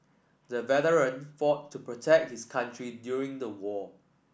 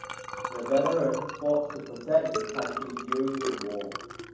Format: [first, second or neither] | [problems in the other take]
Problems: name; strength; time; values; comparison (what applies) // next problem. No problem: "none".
first | background sound (Liquid); 6 dB below the speech // room echo; dies away in 1.2 s